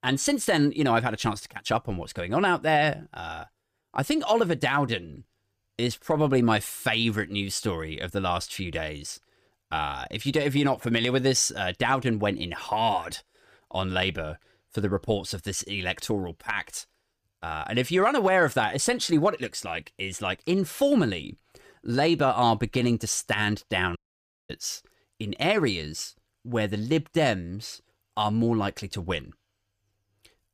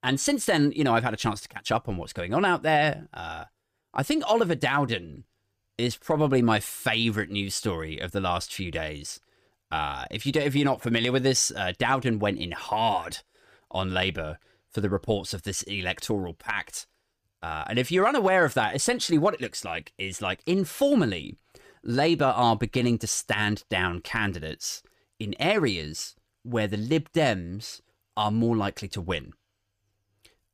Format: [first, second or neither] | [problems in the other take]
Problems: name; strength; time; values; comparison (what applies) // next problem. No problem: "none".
second | audio cutting out; at 24 s for 0.5 s